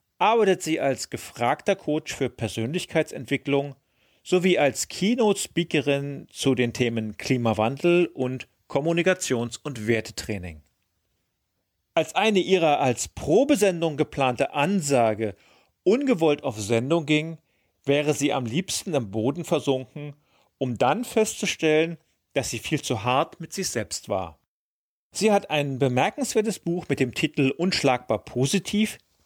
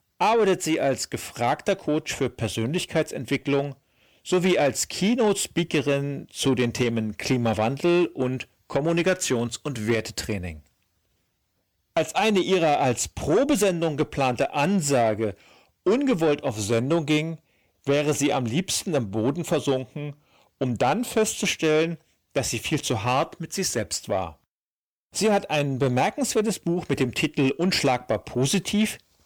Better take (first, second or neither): first